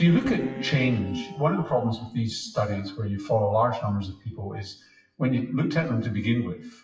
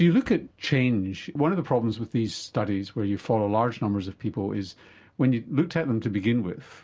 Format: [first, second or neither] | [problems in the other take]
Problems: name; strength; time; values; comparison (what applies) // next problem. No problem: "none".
second | noise reduction (classical method WPE with log-MMSE)